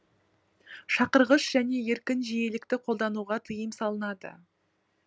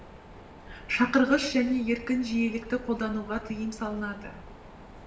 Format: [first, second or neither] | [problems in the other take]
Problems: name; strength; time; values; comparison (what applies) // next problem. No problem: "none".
first | background sound (Mechanisms); 17 dB below the speech // room echo; dies away in 0.8 s